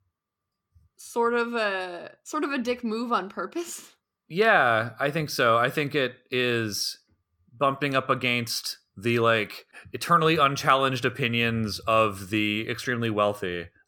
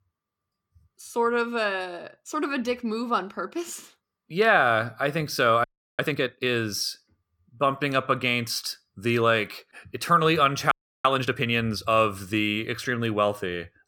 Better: first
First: none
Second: audio freezing; at 5.5 s and at 11 s

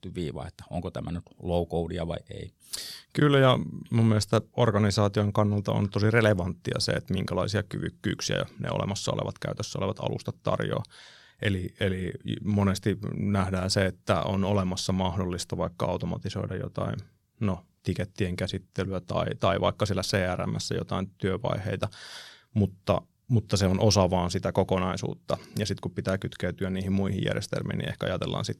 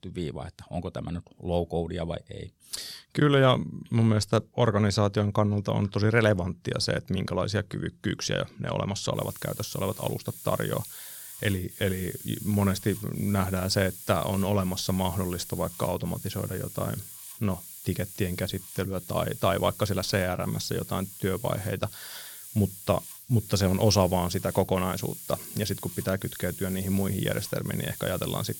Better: first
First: none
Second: hiss; noticeable; from 9 s on; 10 dB below the speech

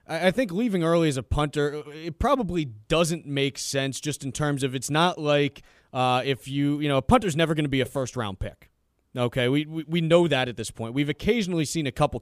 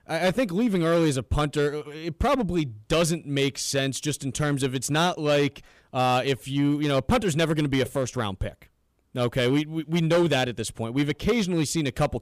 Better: first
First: none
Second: distortion; slight; 6% of the sound clipped

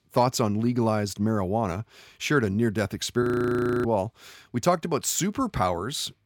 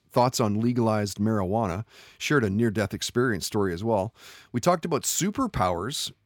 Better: second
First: audio freezing; at 3 s for 0.5 s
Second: none

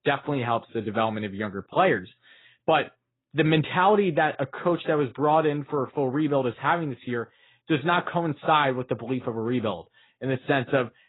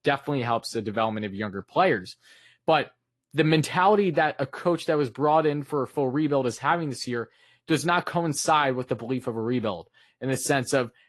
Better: second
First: garbled, watery; badly; nothing above 4 kHz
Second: garbled, watery; slightly; nothing above 11.5 kHz

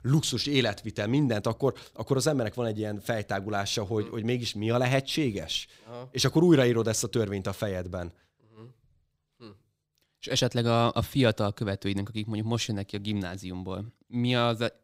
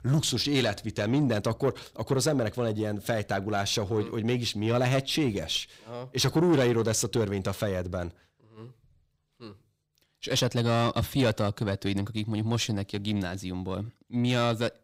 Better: first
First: none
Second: distortion; slight; 10 dB below the speech

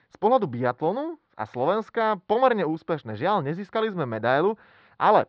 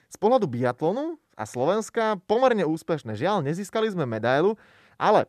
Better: second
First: muffled; slightly; fading above 4.5 kHz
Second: none

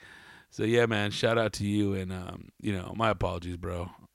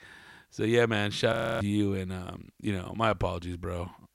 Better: first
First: none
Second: audio freezing; at 1.5 s

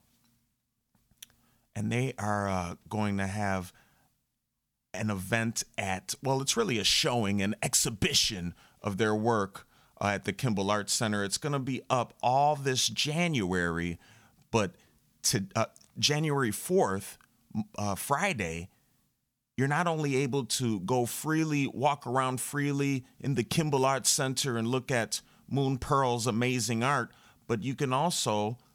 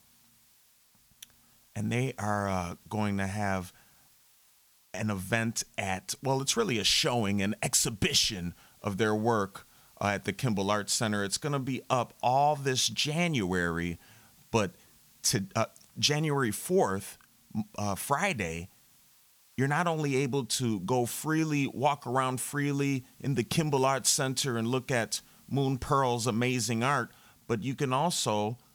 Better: first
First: none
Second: hiss; faint; throughout; 30 dB below the speech

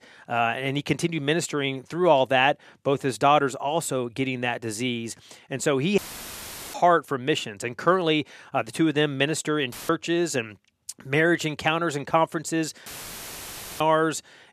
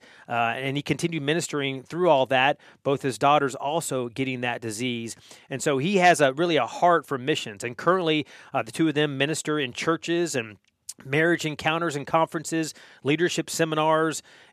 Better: second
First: audio cutting out; filled with static; at 6 s for 1 s, at 9.5 s and at 13 s for 1 s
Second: none

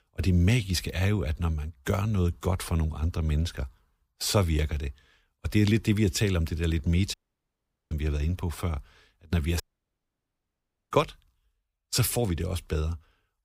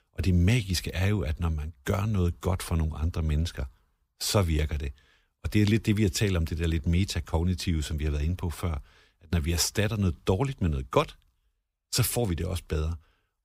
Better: second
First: audio cutting out; at 7 s for 1 s and at 9.5 s for 1.5 s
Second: none

